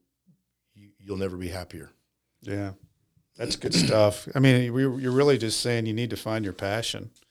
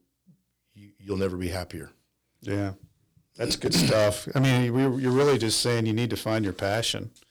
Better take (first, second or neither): first